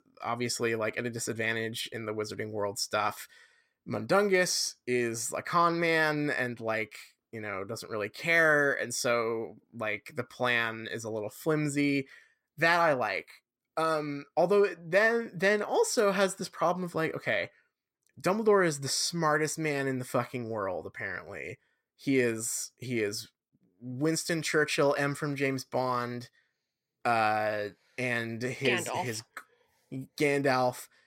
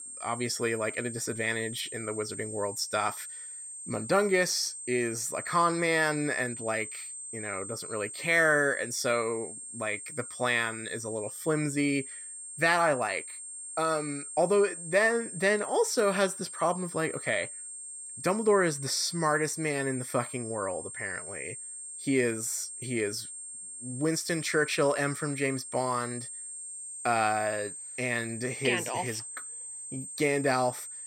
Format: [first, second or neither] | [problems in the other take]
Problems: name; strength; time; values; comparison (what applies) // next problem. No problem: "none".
first | high-pitched whine; loud; throughout; 8.5 kHz, 9 dB below the speech